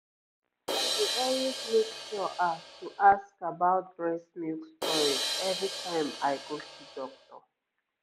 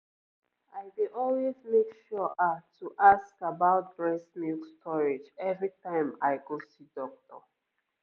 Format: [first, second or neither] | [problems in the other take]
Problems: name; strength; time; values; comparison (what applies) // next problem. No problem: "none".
second | background sound (Crash cymbal); 4 dB below the speech